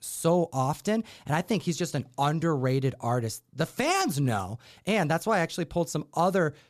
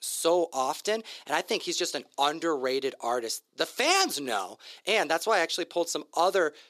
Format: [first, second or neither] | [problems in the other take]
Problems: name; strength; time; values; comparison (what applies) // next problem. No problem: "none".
first | thin; very; fading below 350 Hz